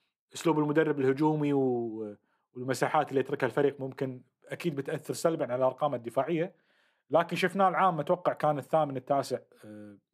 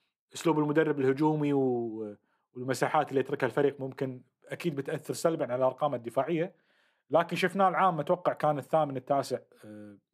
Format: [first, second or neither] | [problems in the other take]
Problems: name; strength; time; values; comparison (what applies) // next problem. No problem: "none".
neither | none